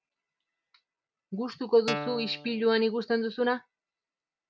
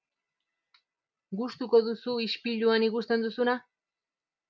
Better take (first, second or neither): second